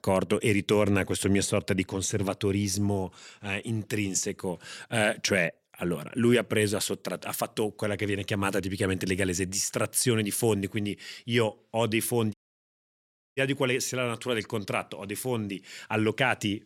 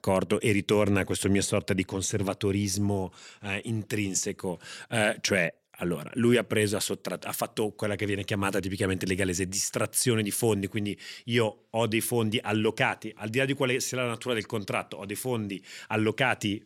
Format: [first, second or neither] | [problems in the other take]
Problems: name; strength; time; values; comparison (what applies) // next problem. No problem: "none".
second | audio cutting out; at 12 s for 1 s